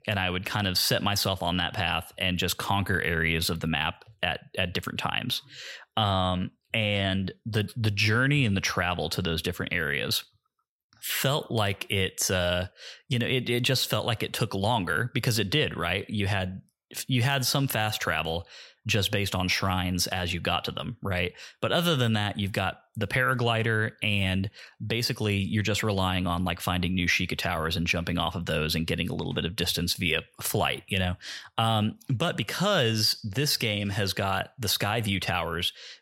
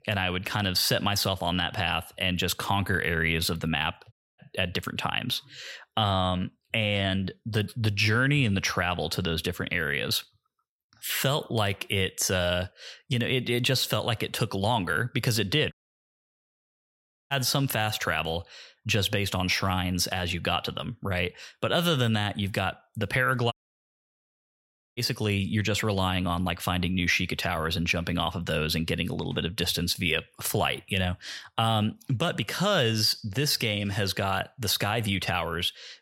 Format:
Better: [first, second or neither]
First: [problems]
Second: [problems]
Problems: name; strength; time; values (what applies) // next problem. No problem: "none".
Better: first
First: none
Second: audio cutting out; at 4 s, at 16 s for 1.5 s and at 24 s for 1.5 s